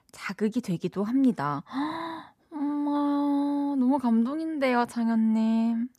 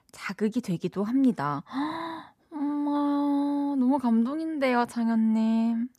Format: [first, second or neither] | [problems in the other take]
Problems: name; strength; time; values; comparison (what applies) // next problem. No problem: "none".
neither | none